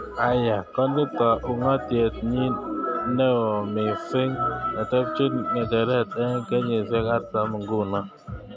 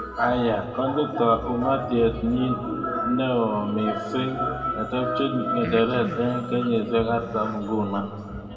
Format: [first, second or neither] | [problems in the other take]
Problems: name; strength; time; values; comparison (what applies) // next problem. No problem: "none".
first | background sound (Breathing); 15 dB below the speech // room echo; dies away in 1.7 s